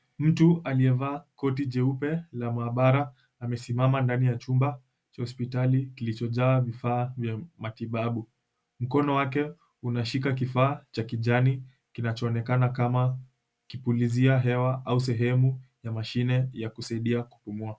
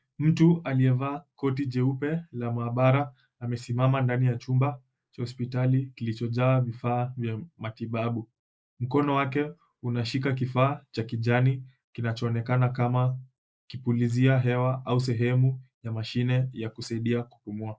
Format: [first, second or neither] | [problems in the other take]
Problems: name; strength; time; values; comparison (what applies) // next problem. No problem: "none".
first | noise reduction (neural mask model Resemble Enhance denoiser)